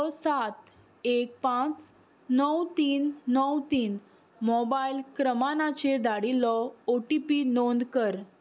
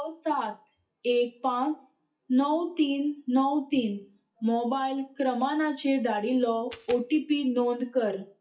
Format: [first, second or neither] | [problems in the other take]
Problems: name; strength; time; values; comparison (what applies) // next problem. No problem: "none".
first | noise reduction (classical method WPE with log-MMSE)